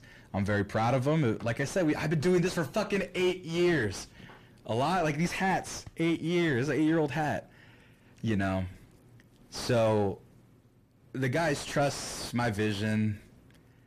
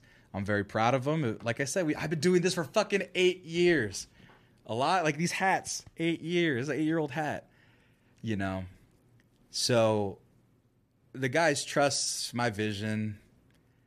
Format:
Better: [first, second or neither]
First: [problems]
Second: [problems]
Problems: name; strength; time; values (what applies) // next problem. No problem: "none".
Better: second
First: distortion; heavy; 6 dB below the speech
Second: none